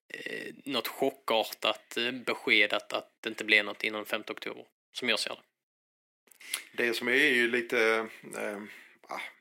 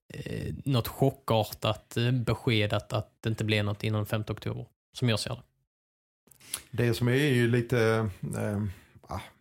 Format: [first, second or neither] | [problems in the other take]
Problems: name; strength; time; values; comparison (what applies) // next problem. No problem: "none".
second | thin; somewhat; fading below 250 Hz